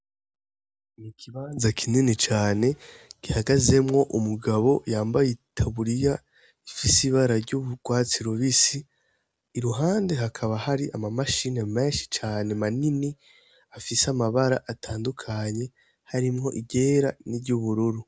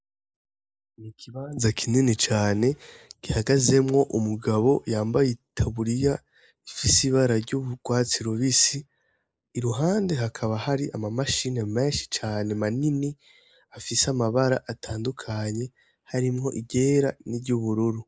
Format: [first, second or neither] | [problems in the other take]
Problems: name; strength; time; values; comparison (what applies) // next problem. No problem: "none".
first | noise reduction (neural mask model Resemble Enhance denoiser)